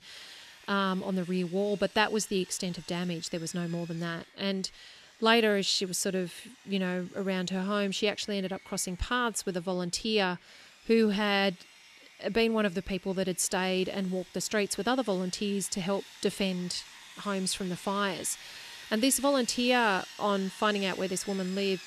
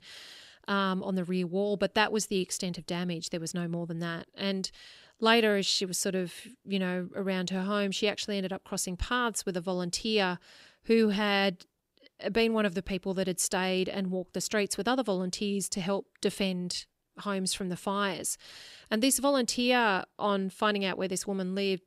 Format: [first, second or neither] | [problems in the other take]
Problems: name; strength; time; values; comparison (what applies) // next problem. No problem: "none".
second | machinery noise; noticeable; throughout; 20 dB below the speech